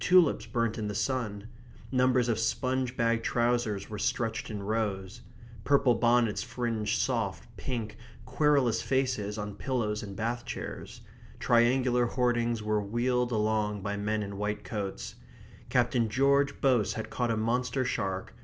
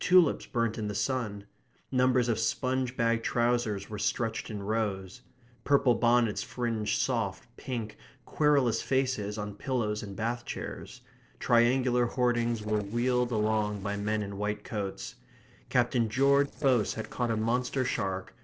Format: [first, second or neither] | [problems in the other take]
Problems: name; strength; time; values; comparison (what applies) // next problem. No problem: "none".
first | noise reduction (neural separator model SepFormer DNS4)